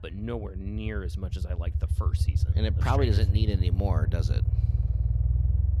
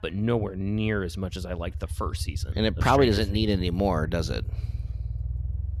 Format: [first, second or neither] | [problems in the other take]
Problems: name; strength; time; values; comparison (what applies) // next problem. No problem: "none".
second | low rumble; loud; throughout; 6 dB below the speech; faint in the second